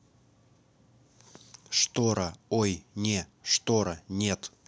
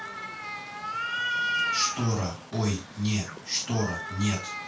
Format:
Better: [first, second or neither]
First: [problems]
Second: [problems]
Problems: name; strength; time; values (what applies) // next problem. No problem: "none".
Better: first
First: none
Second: background sound (Cat); 2 dB below the speech // room echo; dies away in 0.2 s